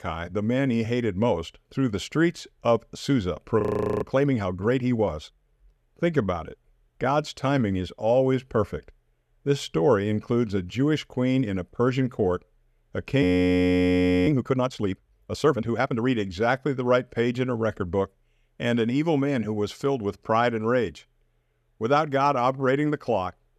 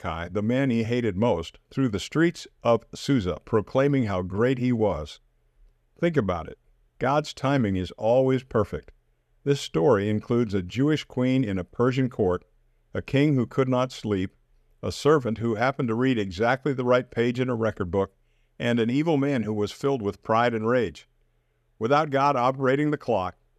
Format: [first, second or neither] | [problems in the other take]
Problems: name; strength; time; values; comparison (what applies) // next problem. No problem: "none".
second | audio freezing; at 3.5 s and at 13 s for 1 s